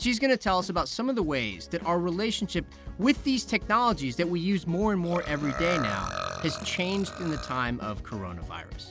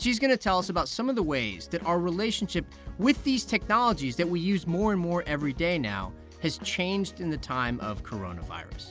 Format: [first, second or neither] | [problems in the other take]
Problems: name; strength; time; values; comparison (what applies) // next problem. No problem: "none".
second | background sound (Burping, eructation); 8 dB below the speech